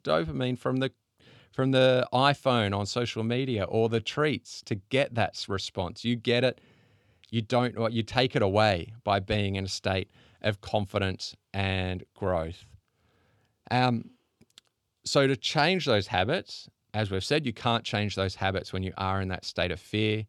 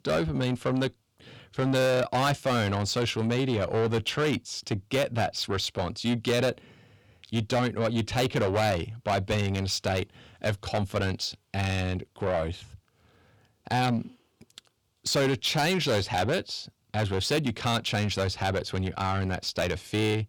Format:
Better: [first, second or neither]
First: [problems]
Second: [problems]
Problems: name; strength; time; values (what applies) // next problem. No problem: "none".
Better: first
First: none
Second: distortion; heavy; 7 dB below the speech